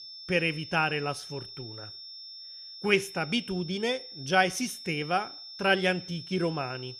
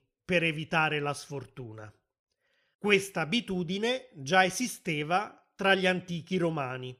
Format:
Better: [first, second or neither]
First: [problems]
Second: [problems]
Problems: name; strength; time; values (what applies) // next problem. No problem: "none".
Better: second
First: high-pitched whine; noticeable; throughout; 5.5 kHz, 15 dB below the speech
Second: none